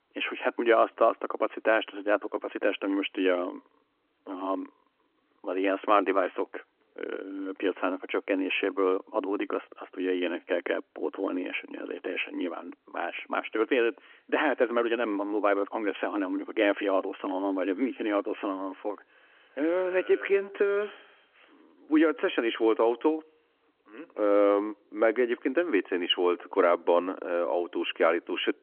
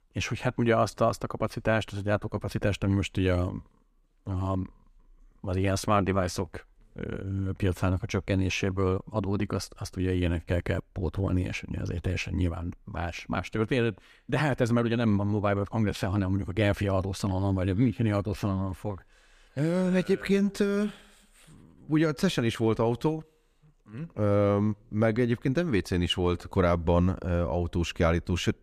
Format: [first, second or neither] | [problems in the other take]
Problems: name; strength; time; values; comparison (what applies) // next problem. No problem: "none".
second | phone-call audio; nothing above 3 kHz